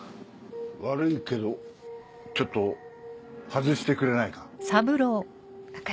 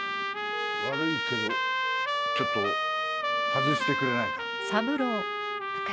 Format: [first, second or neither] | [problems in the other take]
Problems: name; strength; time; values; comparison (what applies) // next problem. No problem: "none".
first | background sound (Trumpet); 4 dB above the speech